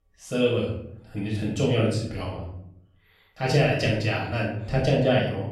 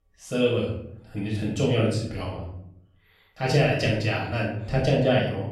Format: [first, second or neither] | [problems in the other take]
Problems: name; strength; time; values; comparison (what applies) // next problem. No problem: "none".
neither | off-mic speech; far; the same in both // room echo; noticeable; dies away in 0.7 s; the same in both